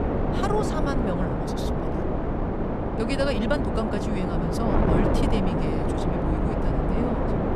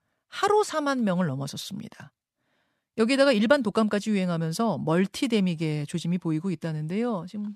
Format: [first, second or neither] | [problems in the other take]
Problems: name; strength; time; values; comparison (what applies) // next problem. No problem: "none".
second | wind noise on the microphone; heavy; 3 dB above the speech